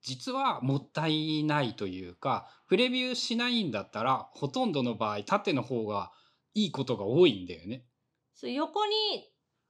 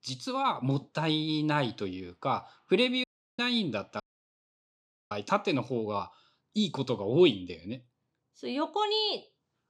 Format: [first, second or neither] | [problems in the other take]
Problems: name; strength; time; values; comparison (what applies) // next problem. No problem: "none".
first | audio cutting out; at 3 s and at 4 s for 1 s